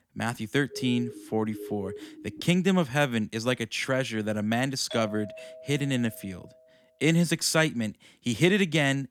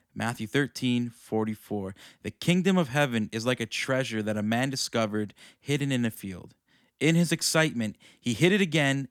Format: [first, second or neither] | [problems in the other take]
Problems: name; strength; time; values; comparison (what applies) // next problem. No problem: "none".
second | siren; faint; from 0.5 to 2.5 s; peak 10 dB below the speech // doorbell; faint; from 5 to 6.5 s; peak 10 dB below the speech